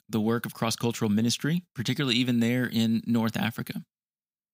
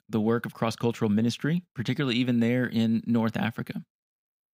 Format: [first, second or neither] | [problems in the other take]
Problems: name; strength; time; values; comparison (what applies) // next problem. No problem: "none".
first | muffled; slightly; fading above 3.5 kHz